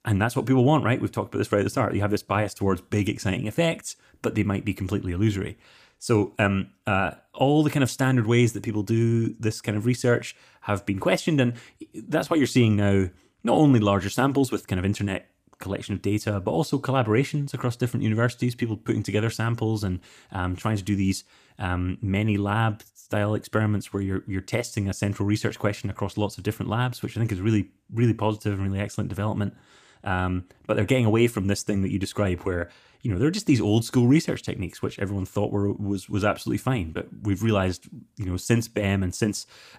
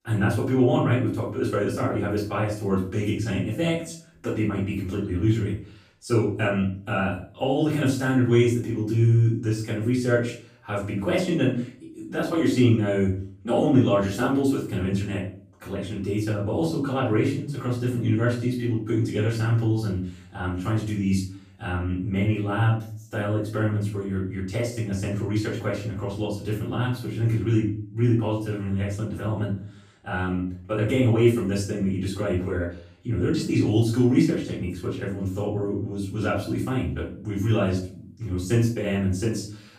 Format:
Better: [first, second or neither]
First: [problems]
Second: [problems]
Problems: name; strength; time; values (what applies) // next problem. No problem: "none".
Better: first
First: none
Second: off-mic speech; far // room echo; noticeable; dies away in 0.4 s